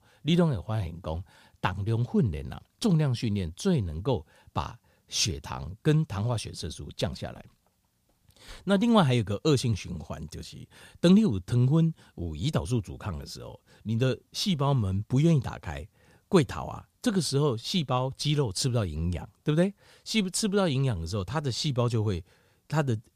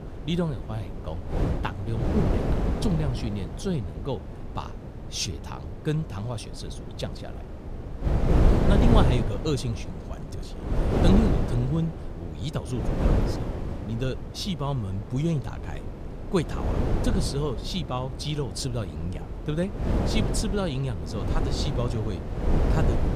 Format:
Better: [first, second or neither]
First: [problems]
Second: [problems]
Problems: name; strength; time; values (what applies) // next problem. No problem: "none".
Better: first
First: none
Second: wind noise on the microphone; heavy; 1 dB below the speech